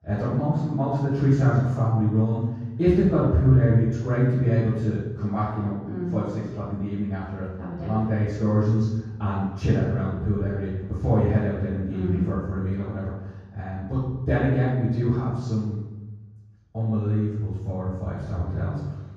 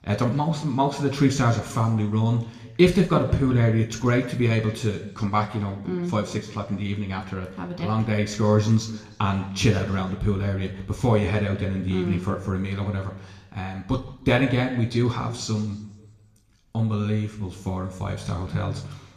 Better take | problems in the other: second | room echo; strong; dies away in 1.3 s; slight in the second // off-mic speech; far

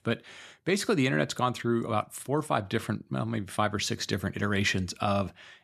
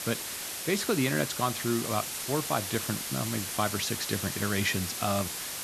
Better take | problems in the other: first | hiss; loud; throughout; 2 dB below the speech

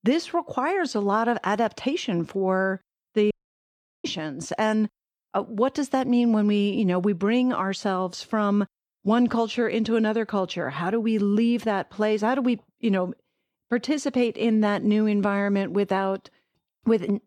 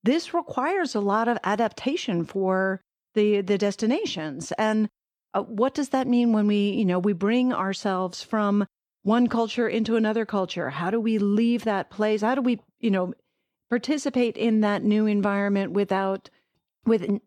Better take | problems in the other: second | audio cutting out; at 3.5 s for 0.5 s

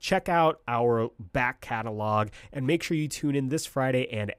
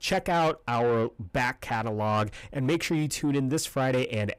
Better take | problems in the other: first | distortion; slight; 10 dB below the speech

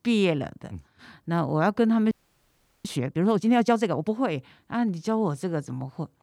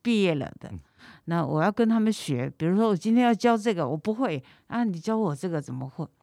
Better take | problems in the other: second | audio freezing; at 2 s for 0.5 s

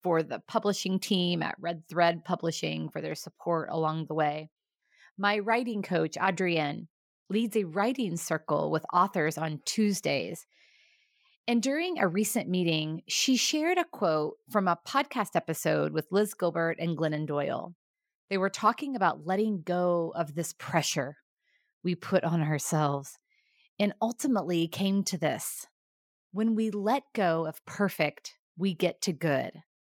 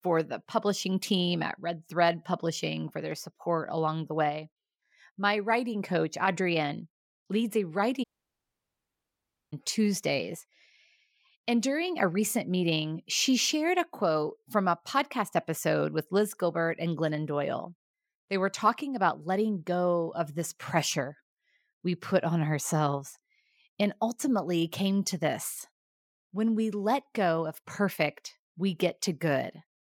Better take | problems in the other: first | audio cutting out; at 8 s for 1.5 s

